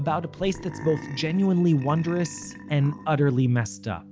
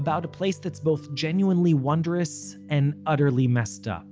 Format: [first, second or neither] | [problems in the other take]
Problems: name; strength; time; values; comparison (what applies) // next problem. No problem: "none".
second | background sound (Burping, eructation); 17 dB below the speech